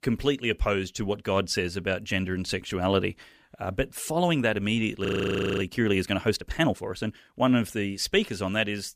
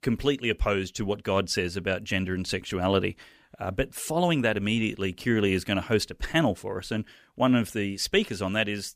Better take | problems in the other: second | audio freezing; at 5 s for 0.5 s

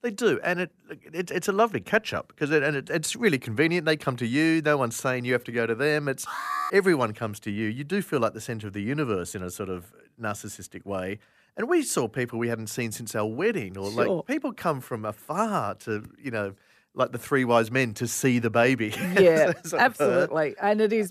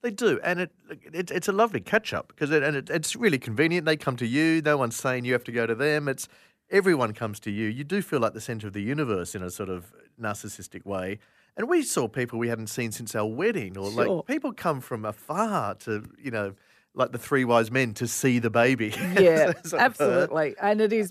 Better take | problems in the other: second | alarm; noticeable; at 6.5 s; peak 3 dB below the speech

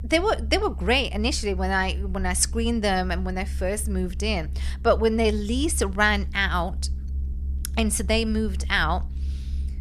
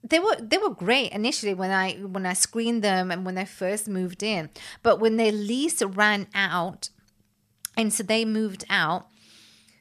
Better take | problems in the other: second | low rumble; faint; throughout; 25 dB below the speech

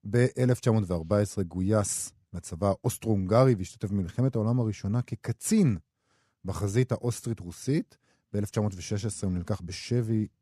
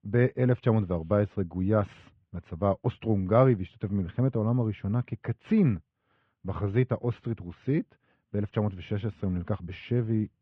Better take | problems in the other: first | muffled; very; fading above 3 kHz

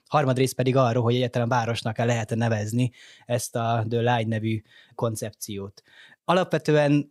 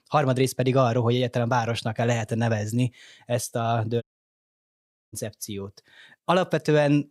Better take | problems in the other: first | audio cutting out; at 4 s for 1 s

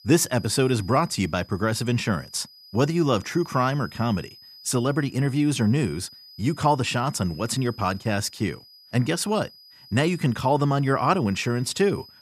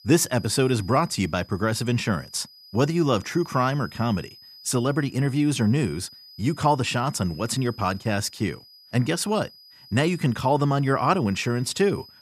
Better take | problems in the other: neither | high-pitched whine; faint; throughout; 5 kHz, 20 dB below the speech; the same in both

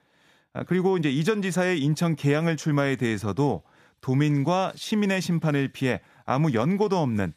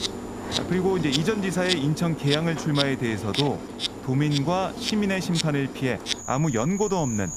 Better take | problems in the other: first | animal sounds; loud; throughout; 5 dB below the speech

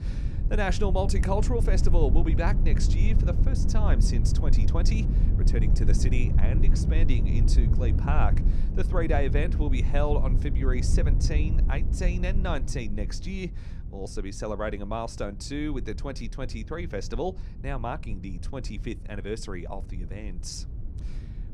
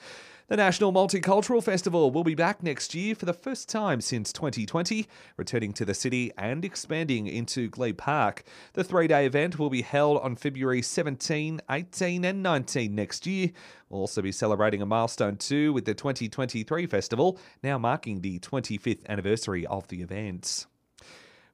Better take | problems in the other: second | low rumble; loud; throughout; 7 dB below the speech

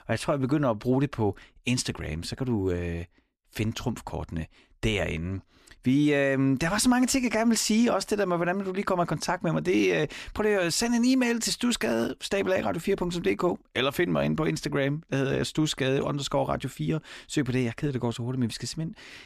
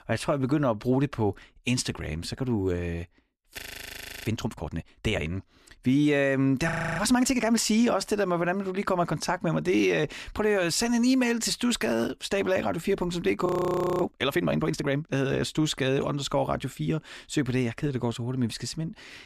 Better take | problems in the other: first | audio freezing; at 3.5 s for 0.5 s, at 6.5 s and at 13 s for 0.5 s

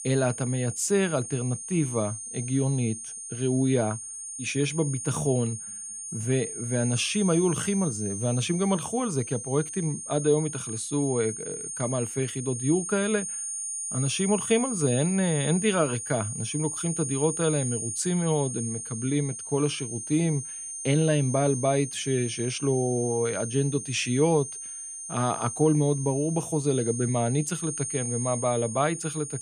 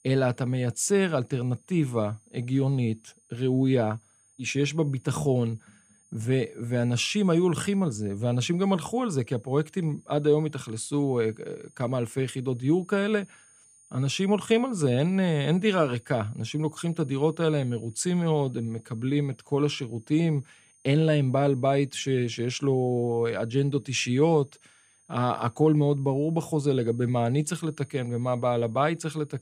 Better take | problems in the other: second | high-pitched whine; loud; throughout; 9 kHz, 6 dB below the speech; faint in the second

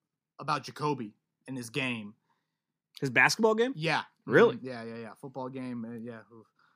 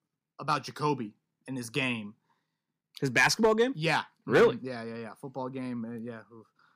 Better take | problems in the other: first | distortion; slight; 1% of the sound clipped

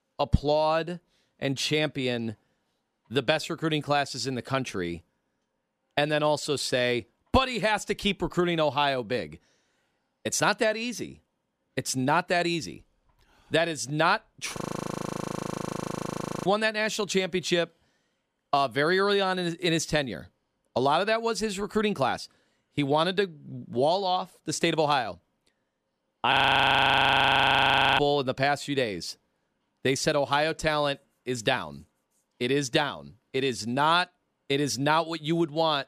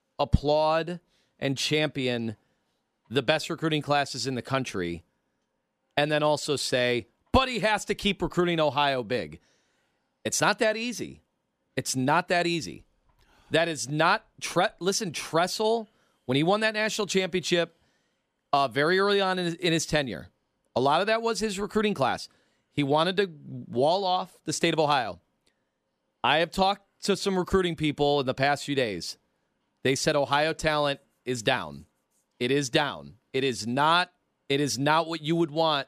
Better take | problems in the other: second | audio freezing; at 15 s for 2 s and at 26 s for 1.5 s

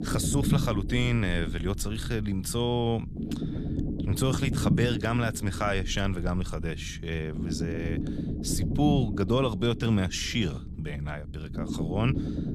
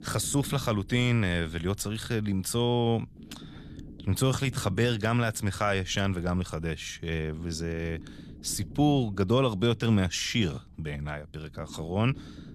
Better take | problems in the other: second | low rumble; loud; throughout; 8 dB below the speech; faint in the second

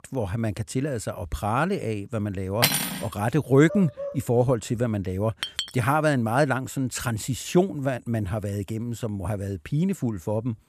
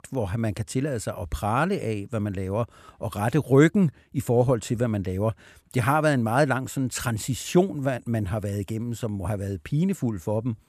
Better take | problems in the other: second | clattering dishes; loud; at 2.5 s; peak 4 dB above the speech // dog barking; noticeable; at 3.5 s; peak 8 dB below the speech // clattering dishes; noticeable; at 5.5 s; peak 4 dB below the speech

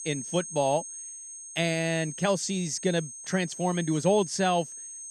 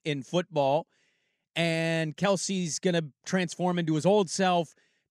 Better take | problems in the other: second | high-pitched whine; noticeable; throughout; 6.5 kHz, 10 dB below the speech

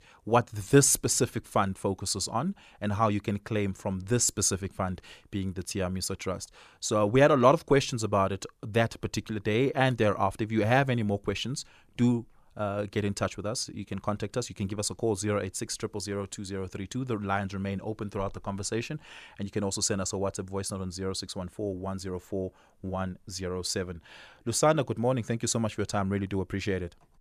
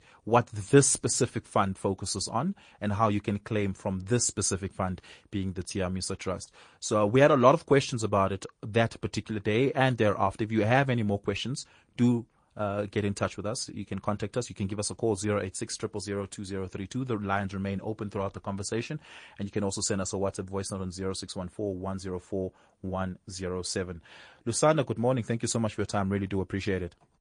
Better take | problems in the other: first | garbled, watery; slightly; nothing above 9 kHz

